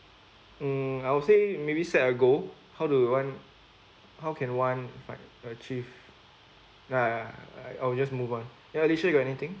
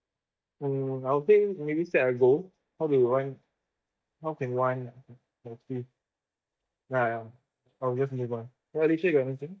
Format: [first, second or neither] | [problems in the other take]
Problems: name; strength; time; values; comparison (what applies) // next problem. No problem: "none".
first | noise reduction (neural mask model DeepFilterNet 3)